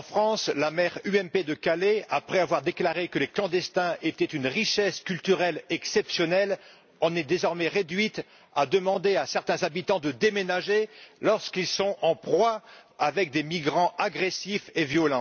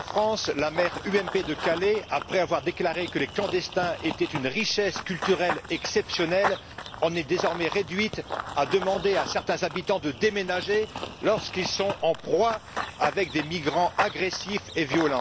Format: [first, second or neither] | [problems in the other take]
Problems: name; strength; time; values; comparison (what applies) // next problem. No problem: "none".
first | background sound (Run / Bird vocalization, bird call, bird song); 9 dB below the speech